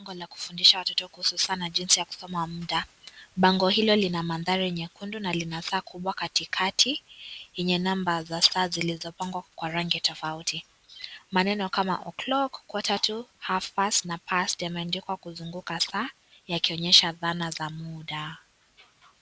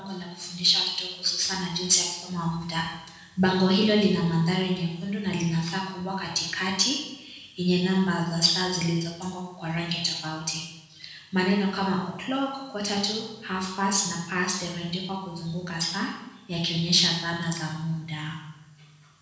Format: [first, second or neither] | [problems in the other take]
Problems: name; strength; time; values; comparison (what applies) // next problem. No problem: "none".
first | room echo; dies away in 1 s